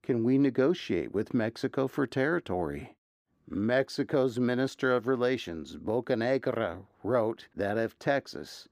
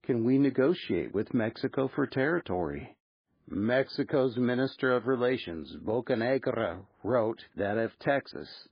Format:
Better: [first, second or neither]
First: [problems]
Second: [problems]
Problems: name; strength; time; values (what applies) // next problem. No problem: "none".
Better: first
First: none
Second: garbled, watery; badly; nothing above 4 kHz